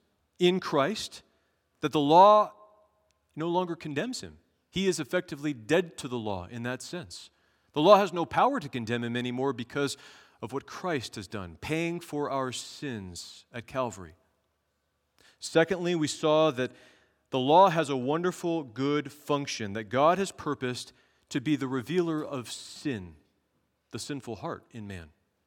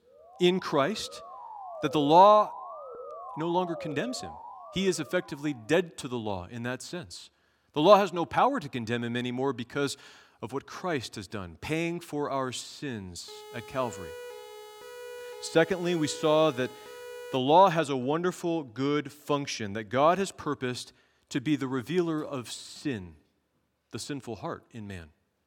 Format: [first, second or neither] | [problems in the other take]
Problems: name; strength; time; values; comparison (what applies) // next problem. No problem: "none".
first | siren; faint; until 5.5 s and from 13 to 17 s; peak 10 dB below the speech